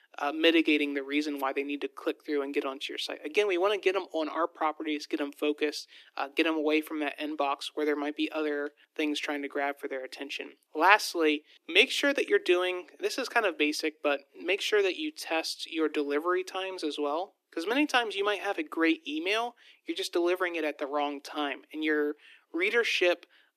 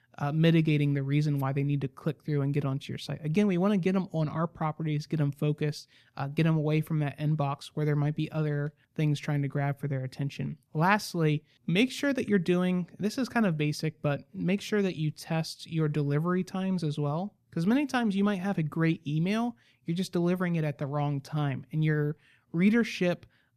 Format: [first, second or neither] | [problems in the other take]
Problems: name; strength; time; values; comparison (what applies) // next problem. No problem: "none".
second | thin; very; fading below 300 Hz